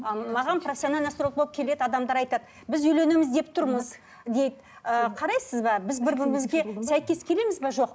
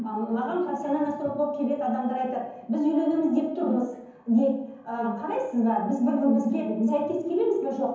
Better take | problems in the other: first | room echo; dies away in 0.9 s

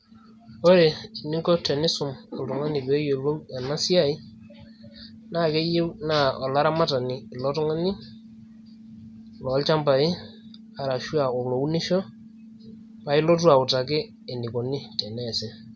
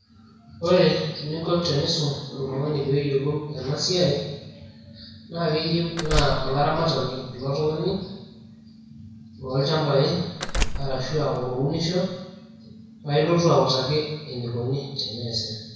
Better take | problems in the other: first | background sound (Door); 4 dB below the speech // room echo; dies away in 1.1 s

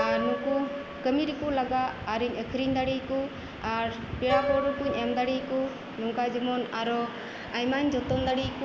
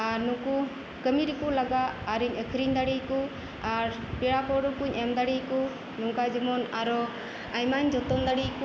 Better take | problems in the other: second | background sound (Piano); 8 dB below the speech

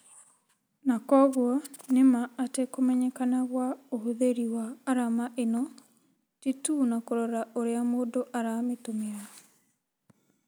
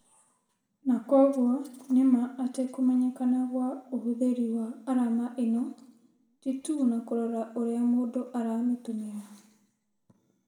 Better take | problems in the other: first | room echo; dies away in 0.7 s

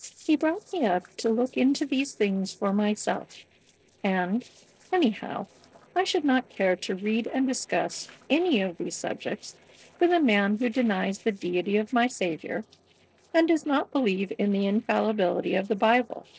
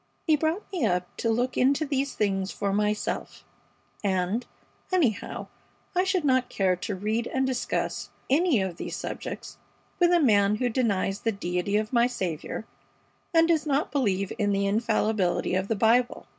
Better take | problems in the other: second | noise reduction (neural separator model SepFormer DNS4)

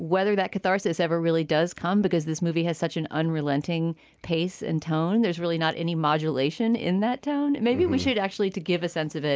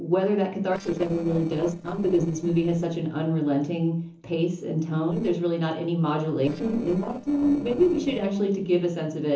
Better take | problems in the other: first | noise reduction (neural separator model SepFormer DNS4)

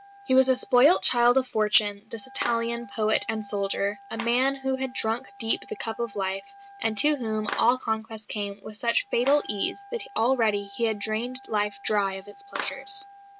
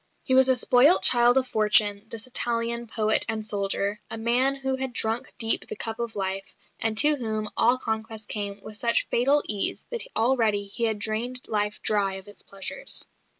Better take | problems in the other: second | background sound (Clapping + Wind instrument, woodwind instrument); 16 dB below the speech

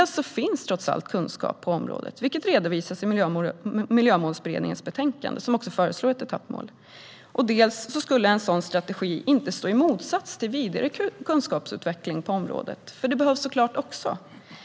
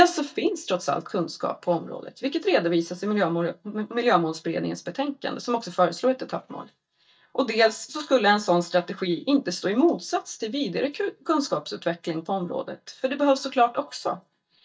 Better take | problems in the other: first | noise reduction (neural mask model DeepFilterNet 3)

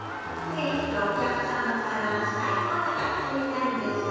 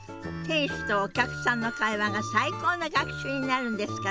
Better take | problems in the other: second | background sound (Crowd); 11 dB below the speech // room echo; dies away in 2.2 s

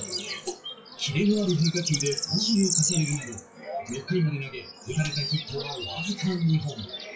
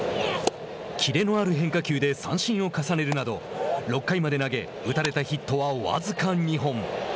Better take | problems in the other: second | noise reduction (classical method WPE with log-MMSE)

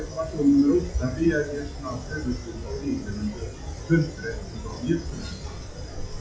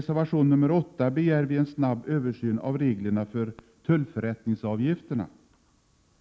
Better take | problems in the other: second | noise reduction (classical method WPE with log-MMSE)

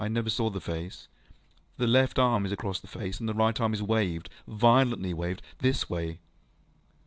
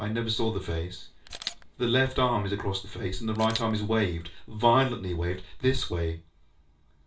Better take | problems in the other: first | background sound (Camera); 15 dB below the speech // room echo; dies away in 0.3 s

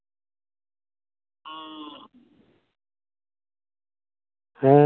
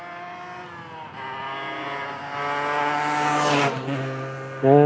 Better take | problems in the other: first | background sound (Motorcycle); as loud as the speech

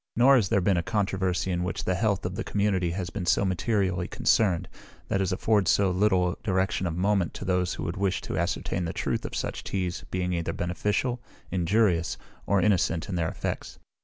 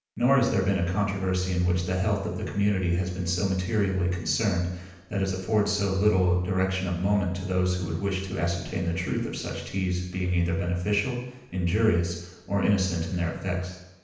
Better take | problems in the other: first | room echo; dies away in 0.9 s

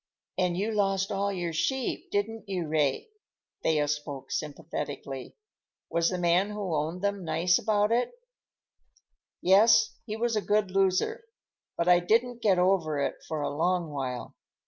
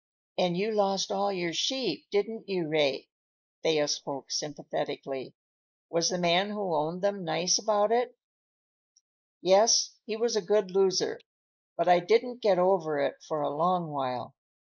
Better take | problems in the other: first | noise reduction (neural mask model Resemble Enhance denoiser)

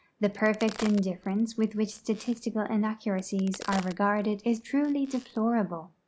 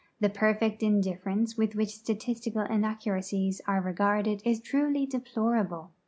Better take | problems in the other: second | background sound (Crack); 18 dB below the speech

